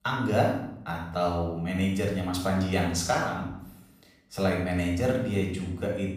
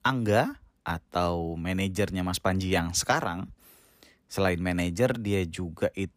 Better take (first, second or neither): second